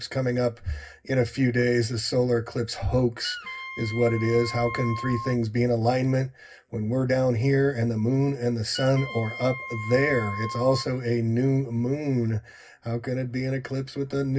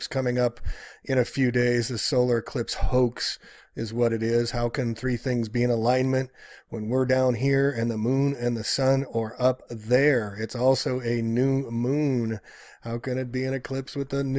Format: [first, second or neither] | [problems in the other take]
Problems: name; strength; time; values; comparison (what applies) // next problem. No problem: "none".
second | background sound (Wind instrument, woodwind instrument); 11 dB below the speech // room echo; dies away in 0.4 s